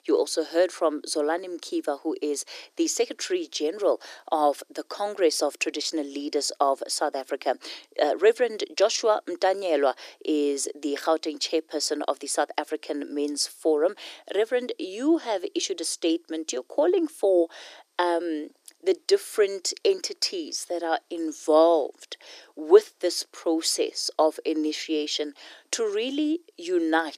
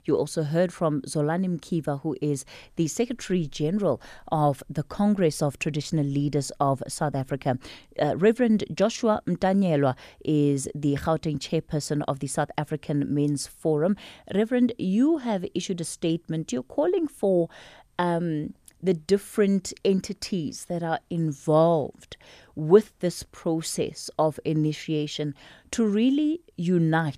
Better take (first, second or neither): second